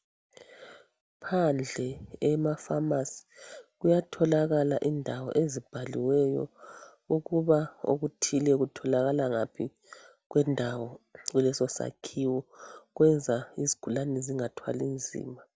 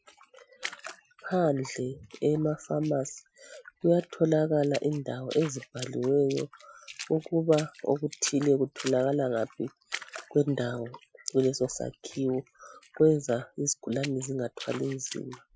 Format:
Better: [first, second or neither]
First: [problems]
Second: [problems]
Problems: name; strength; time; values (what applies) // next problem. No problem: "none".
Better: first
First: none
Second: noise reduction (classical method Wiener filter)